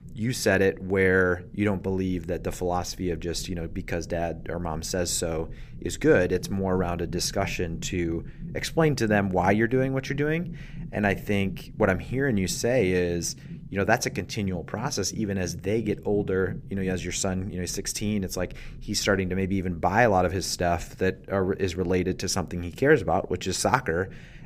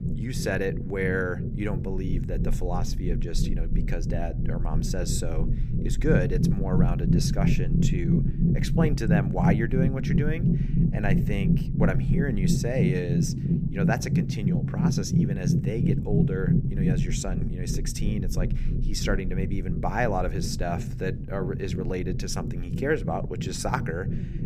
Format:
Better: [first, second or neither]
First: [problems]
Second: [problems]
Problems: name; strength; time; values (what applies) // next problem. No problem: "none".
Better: first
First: low rumble; faint; throughout; 25 dB below the speech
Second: low rumble; loud; throughout; 4 dB below the speech